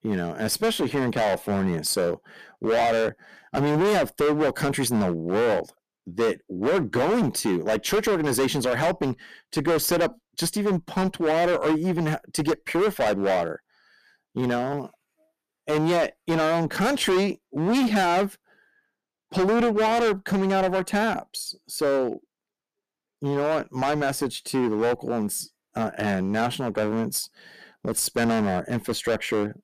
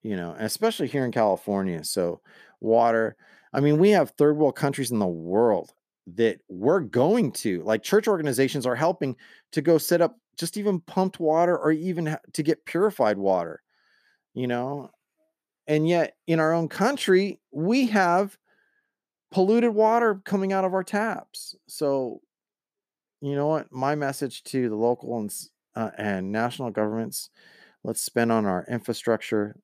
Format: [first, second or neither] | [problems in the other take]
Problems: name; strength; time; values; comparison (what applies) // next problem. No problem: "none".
second | distortion; heavy; 16% of the sound clipped